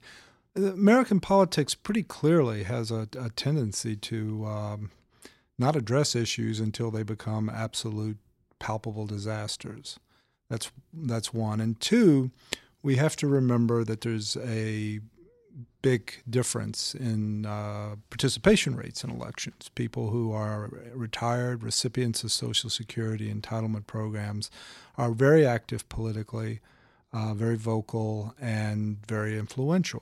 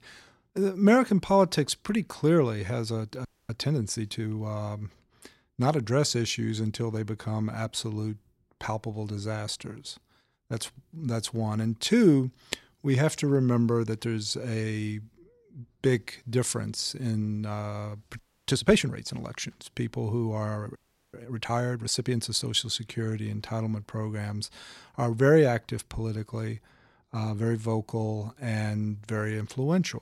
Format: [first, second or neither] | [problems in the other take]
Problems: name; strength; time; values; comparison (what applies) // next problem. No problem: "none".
first | audio freezing; at 3.5 s, at 18 s and at 21 s